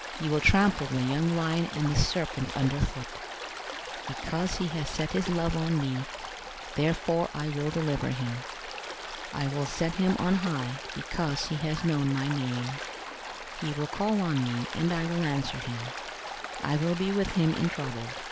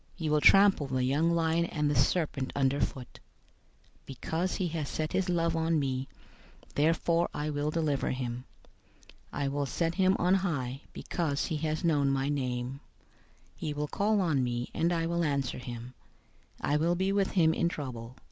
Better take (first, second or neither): second